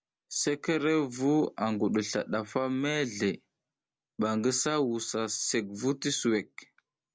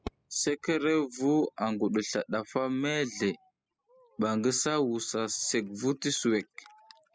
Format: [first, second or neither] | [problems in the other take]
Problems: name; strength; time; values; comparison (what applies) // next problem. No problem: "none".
first | noise reduction (classical method spectral subtraction)